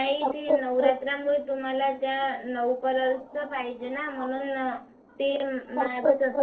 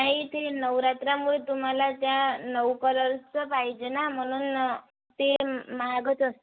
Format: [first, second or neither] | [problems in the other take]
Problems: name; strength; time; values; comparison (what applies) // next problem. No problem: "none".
second | noise reduction (neural separator model SepFormer DNS4)